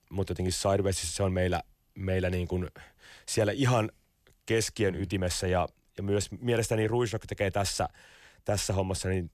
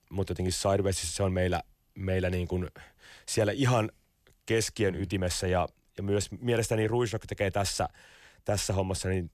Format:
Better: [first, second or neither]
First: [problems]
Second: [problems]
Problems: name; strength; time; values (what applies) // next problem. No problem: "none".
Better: neither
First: none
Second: none